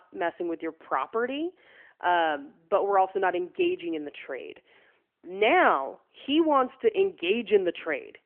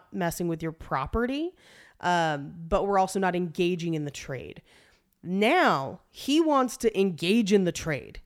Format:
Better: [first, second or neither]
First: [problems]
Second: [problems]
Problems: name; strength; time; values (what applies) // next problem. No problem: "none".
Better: second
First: phone-call audio; nothing above 3 kHz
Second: none